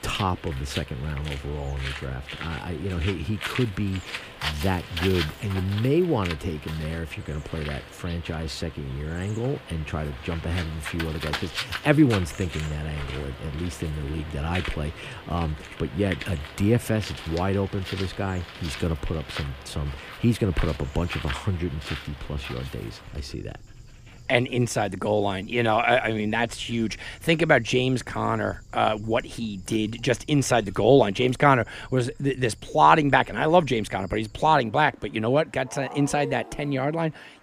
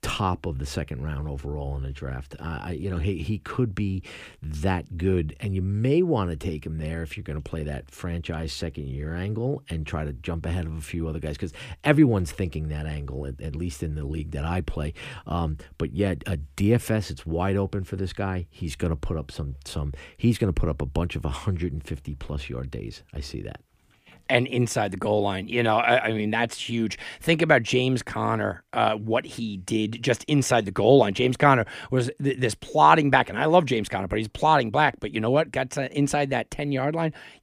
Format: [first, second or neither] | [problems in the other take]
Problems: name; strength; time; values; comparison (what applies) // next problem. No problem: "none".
second | animal sounds; noticeable; throughout; 10 dB below the speech